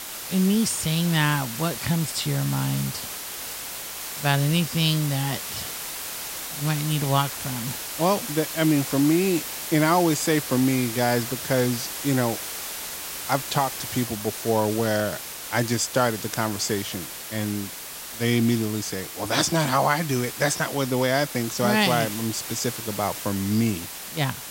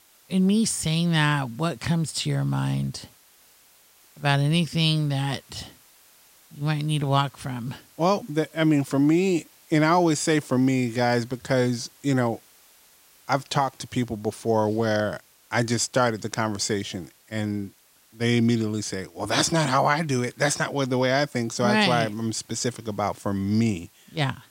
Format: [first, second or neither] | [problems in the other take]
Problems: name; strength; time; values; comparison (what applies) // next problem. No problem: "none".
second | hiss; loud; throughout; 7 dB below the speech; faint in the second